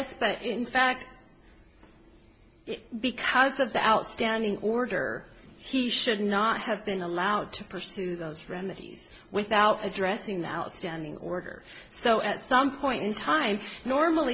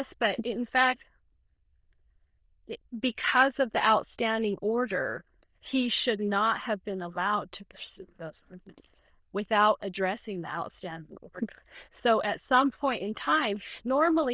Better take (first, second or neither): first